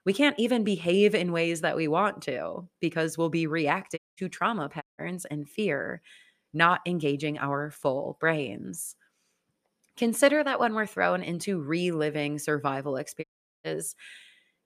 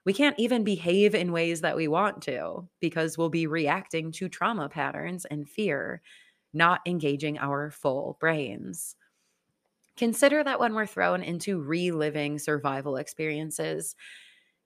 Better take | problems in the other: second | audio cutting out; at 4 s, at 5 s and at 13 s

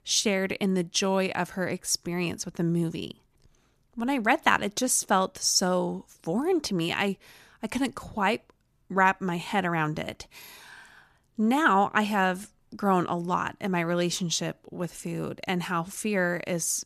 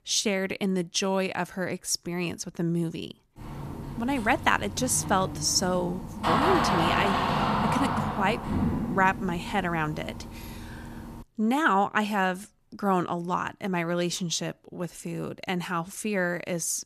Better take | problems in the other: first | door banging; loud; from 3.5 to 11 s; peak 4 dB above the speech

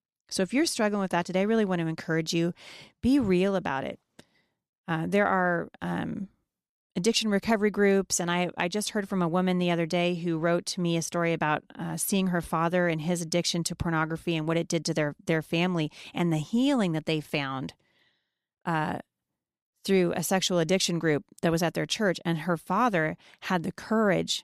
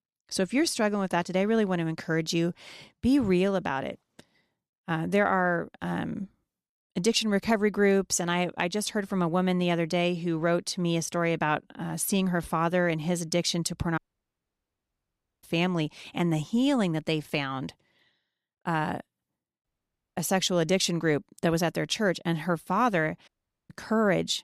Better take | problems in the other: first | audio cutting out; at 14 s for 1.5 s, at 20 s for 0.5 s and at 23 s

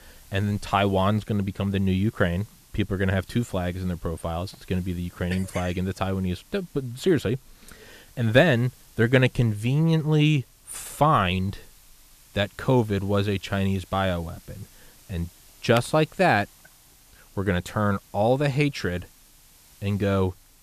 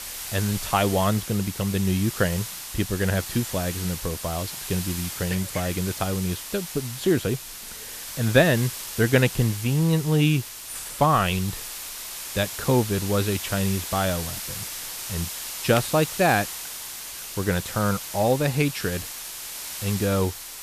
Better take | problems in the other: first | hiss; loud; throughout; 8 dB below the speech; faint in the first

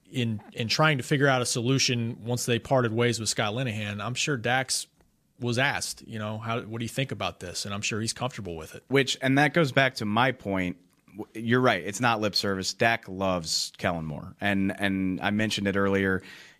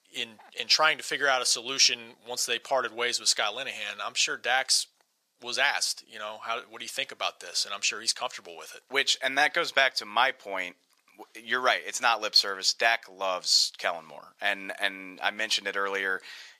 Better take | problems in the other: first | thin; very; fading below 750 Hz

